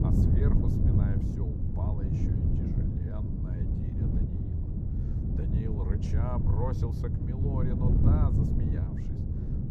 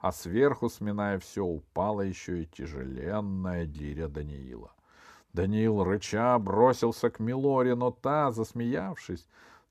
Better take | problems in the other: second | wind noise on the microphone; heavy; 3 dB above the speech

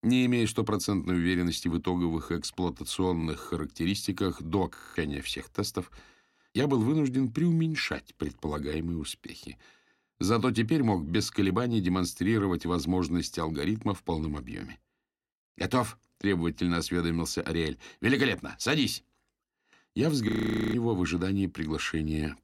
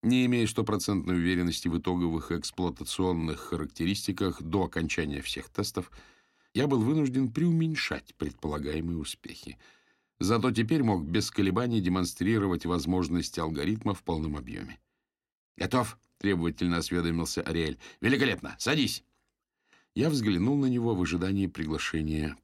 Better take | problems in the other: second | audio freezing; at 5 s and at 20 s

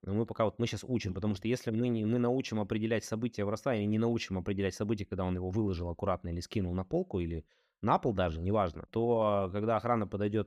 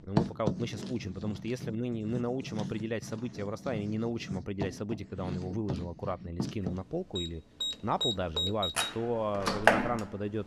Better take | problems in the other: first | household noises; very loud; throughout; 1 dB above the speech

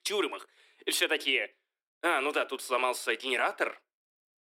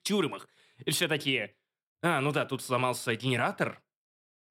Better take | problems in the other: second | thin; somewhat; fading below 300 Hz

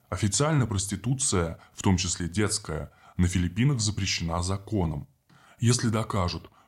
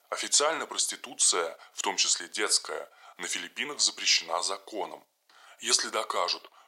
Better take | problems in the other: first | thin; very; fading below 450 Hz

